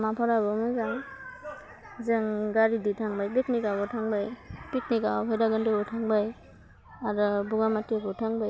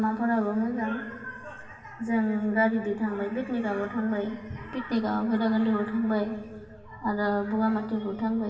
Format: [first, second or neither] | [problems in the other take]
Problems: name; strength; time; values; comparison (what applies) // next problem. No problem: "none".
first | room echo; dies away in 1.9 s